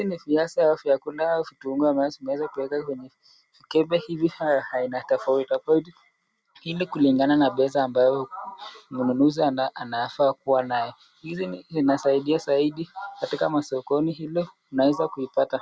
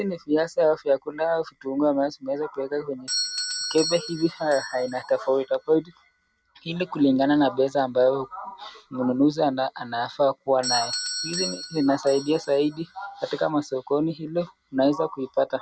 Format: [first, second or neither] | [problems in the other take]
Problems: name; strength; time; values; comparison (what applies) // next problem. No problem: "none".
first | background sound (Doorbell); 12 dB below the speech